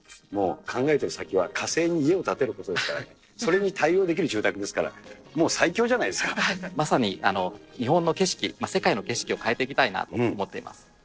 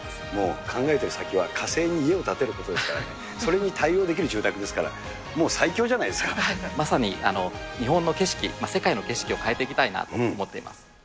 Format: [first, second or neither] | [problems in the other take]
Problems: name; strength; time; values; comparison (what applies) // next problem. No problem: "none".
second | noise reduction (neural separator model SepFormer DNS4)